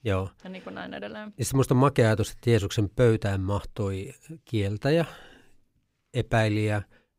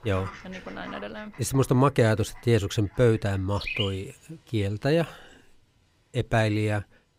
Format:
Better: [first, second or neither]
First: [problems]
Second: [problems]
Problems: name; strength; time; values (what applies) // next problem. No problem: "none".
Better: first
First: none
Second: animal sounds; noticeable; throughout; 10 dB below the speech